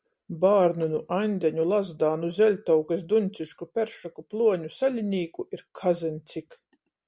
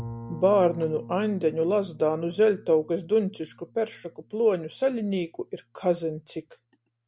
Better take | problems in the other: first | background sound (Bowed string instrument); 19 dB below the speech

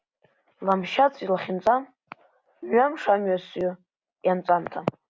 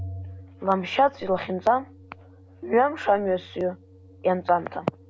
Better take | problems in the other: first | background sound (Organ); 18 dB below the speech

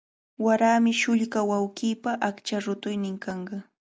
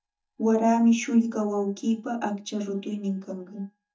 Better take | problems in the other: first | noise reduction (neural mask model DeepFilterNet 3)

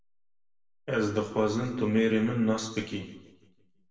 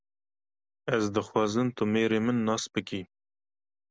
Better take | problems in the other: second | room echo; dies away in 1 s

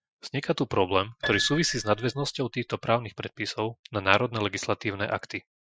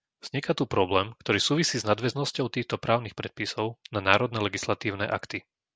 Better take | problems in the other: second | noise reduction (classical method Wiener filter)

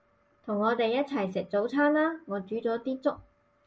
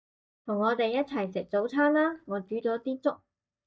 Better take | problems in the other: first | noise reduction (neural mask model DeepFilterNet 3)

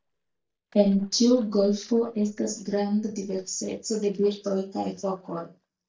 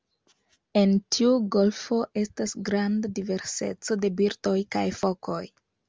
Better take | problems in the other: second | noise reduction (neural mask model DeepFilterNet 3)

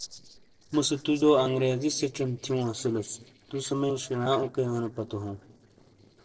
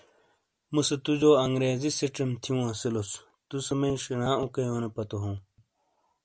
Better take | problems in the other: second | noise reduction (neural separator model SepFormer DNS4)

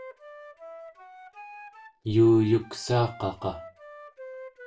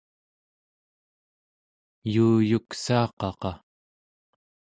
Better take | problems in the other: second | background sound (Wind instrument, woodwind instrument); 17 dB below the speech // room echo; dies away in 0.2 s

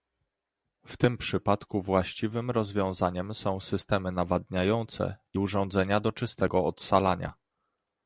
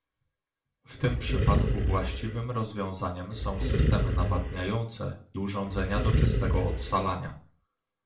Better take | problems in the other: first | background sound (Animal); 5 dB above the speech // room echo; dies away in 0.4 s

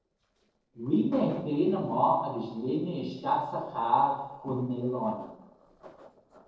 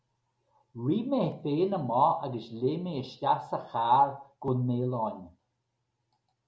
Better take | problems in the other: second | noise reduction (neural separator model SepFormer DNS4)

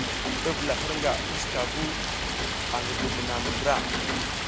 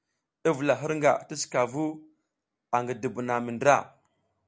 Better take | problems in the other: second | background sound (Stream + Rain); 3 dB above the speech

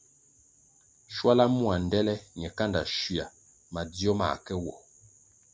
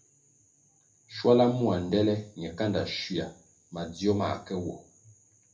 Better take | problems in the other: first | room echo; dies away in 0.3 s

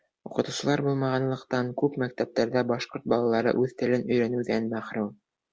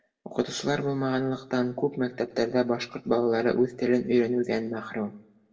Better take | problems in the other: first | room echo; dies away in 0.5 s

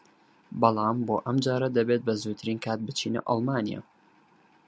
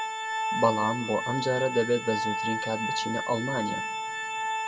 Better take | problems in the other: first | background sound (Organ); 2 dB below the speech // room echo; dies away in 1.3 s

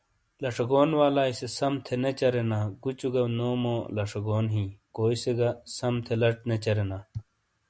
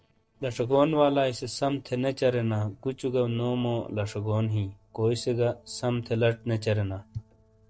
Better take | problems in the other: first | noise reduction (neural separator model SepFormer DNS4)

